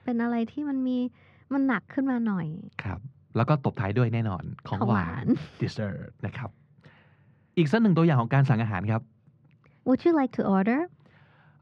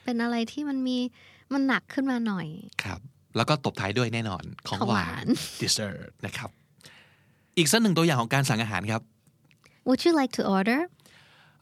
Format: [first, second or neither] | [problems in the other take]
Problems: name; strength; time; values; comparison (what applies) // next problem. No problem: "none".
second | muffled; very; fading above 1.5 kHz